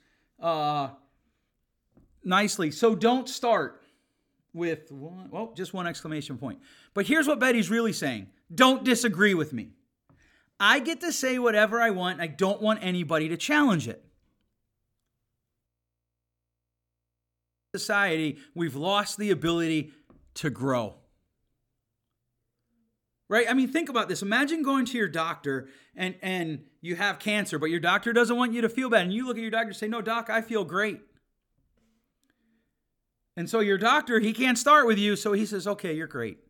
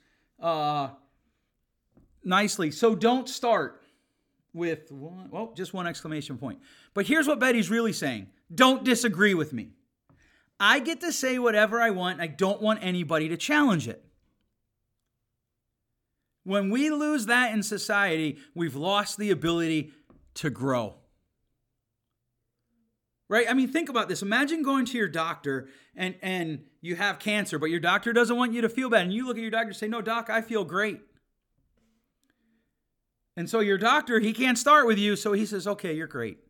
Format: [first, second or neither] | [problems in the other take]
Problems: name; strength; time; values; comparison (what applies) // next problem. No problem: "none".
second | audio freezing; at 16 s for 2 s